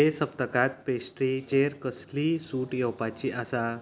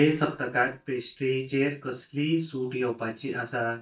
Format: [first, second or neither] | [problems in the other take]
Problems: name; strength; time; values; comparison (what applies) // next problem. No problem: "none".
first | noise reduction (neural mask model DeepFilterNet 3)